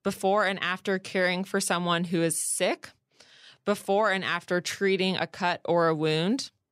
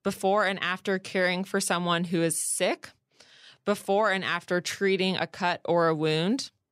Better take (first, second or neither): neither